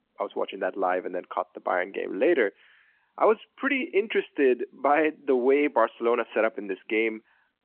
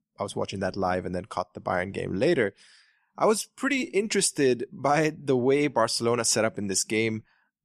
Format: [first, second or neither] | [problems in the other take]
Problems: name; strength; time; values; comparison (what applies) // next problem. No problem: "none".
second | phone-call audio